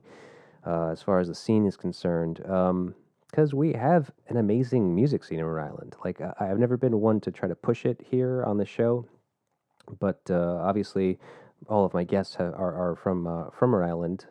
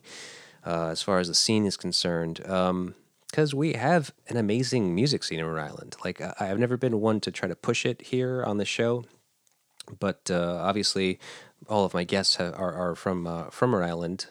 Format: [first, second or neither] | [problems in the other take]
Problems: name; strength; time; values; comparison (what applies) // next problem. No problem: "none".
second | muffled; very; fading above 2 kHz